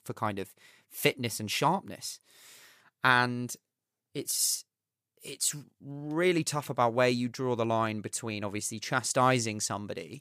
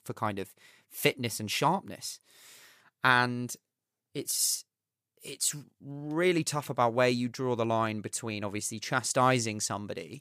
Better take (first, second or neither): neither